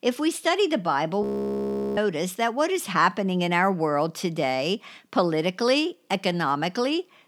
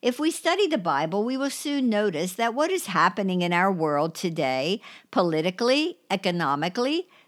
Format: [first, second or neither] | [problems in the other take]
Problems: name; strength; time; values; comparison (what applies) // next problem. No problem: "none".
second | audio freezing; at 1 s for 0.5 s